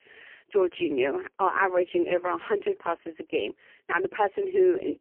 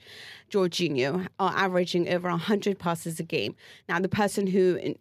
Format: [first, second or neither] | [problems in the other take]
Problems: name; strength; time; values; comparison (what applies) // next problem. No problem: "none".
second | phone-call audio; poor line; nothing above 3 kHz